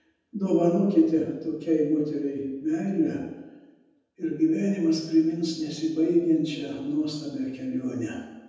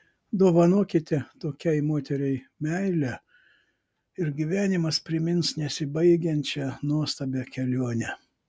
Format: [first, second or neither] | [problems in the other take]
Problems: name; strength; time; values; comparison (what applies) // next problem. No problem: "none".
second | room echo; dies away in 1.1 s